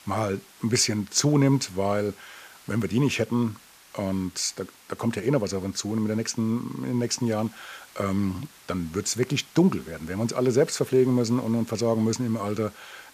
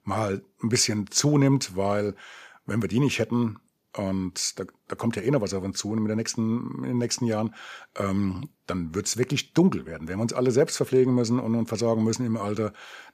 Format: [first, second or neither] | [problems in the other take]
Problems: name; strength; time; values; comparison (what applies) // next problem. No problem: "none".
second | hiss; faint; throughout; 25 dB below the speech